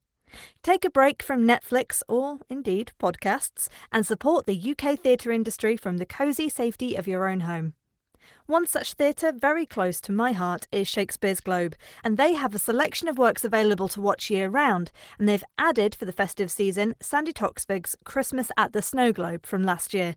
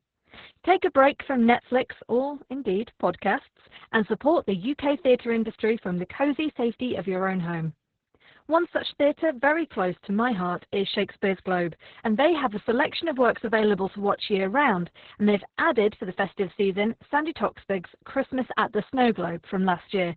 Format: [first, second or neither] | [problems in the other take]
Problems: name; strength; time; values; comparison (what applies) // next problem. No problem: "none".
first | garbled, watery; badly; nothing above 4 kHz; slightly in the first